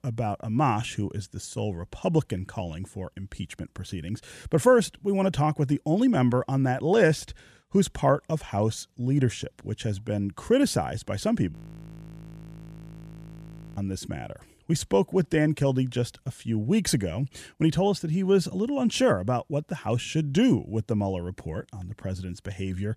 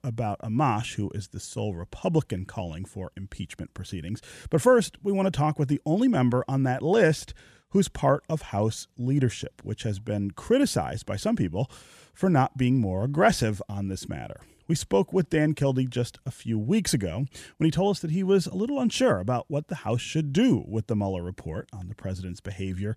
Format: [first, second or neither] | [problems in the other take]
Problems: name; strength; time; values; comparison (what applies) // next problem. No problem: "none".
second | audio freezing; at 12 s for 2 s